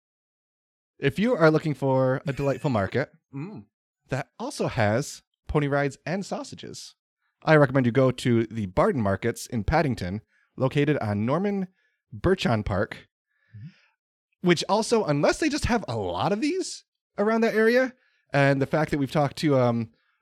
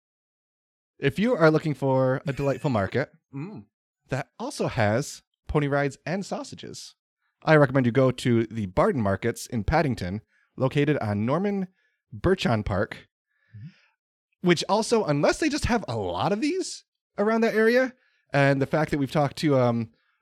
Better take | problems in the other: neither | none

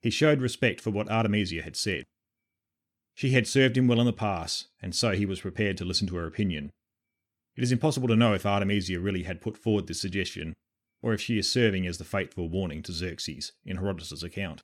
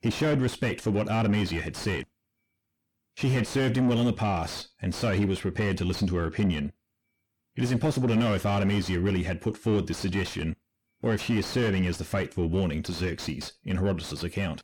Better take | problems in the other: first | distortion; heavy; 5 dB below the speech

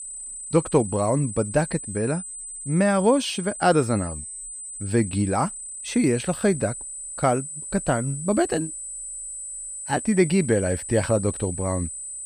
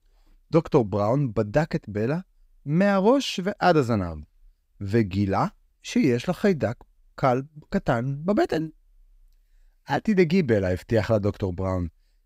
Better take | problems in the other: second | high-pitched whine; loud; throughout; 8 kHz, 9 dB below the speech

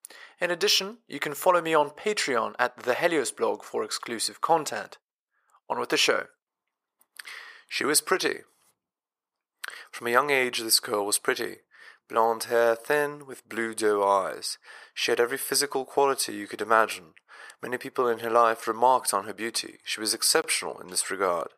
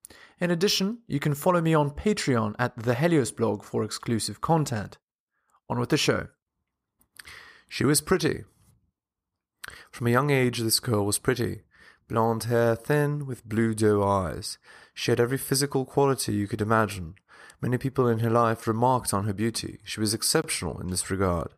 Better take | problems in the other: second | thin; very; fading below 550 Hz

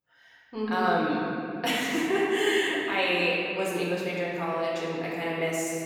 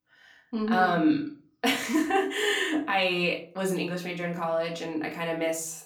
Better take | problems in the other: second | room echo; strong; dies away in 2.6 s; slight in the second // off-mic speech; far; far in the second

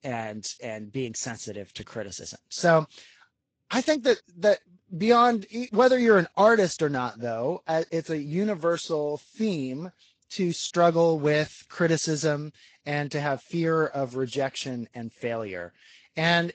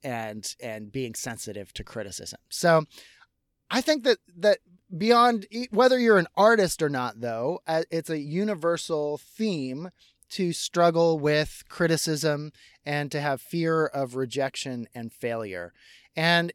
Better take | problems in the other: second | garbled, watery; slightly; nothing above 7.5 kHz

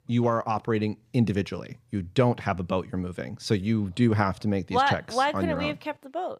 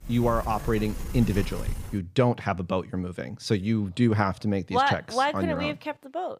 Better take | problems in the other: first | door banging; noticeable; until 2 s; peak 7 dB below the speech

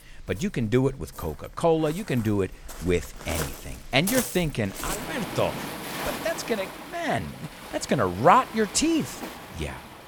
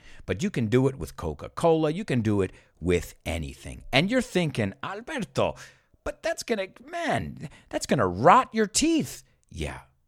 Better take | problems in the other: second | rain or running water; loud; throughout; 9 dB below the speech

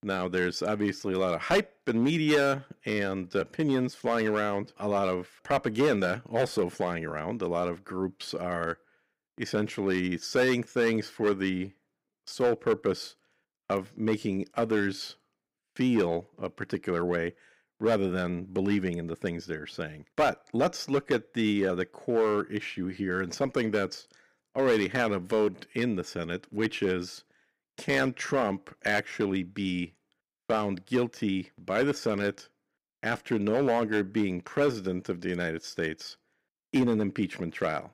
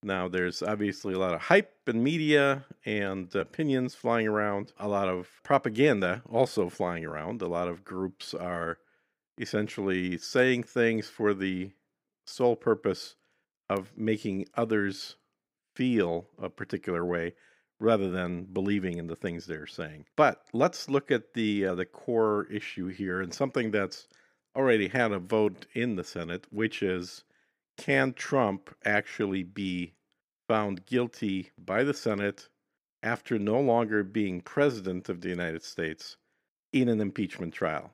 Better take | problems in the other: second | distortion; slight; 3% of the sound clipped

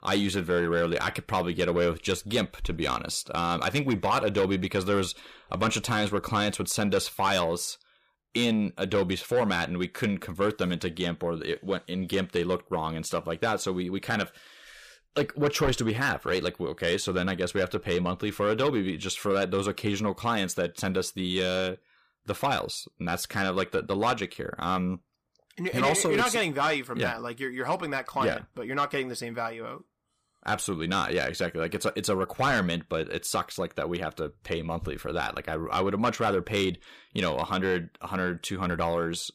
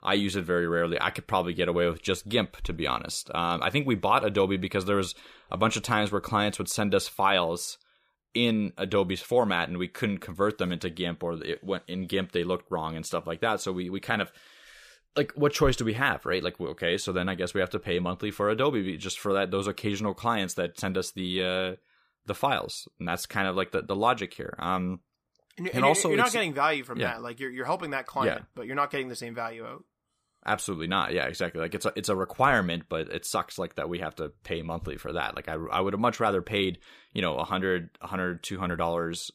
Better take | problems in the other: second | distortion; slight; 10 dB below the speech

